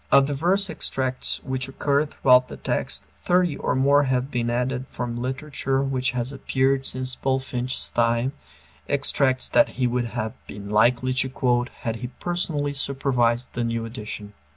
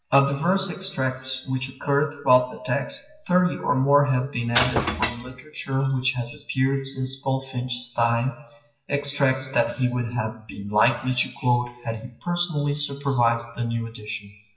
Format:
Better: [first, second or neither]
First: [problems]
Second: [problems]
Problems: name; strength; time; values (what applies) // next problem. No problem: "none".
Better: first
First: none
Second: noise reduction (classical method WPE with log-MMSE)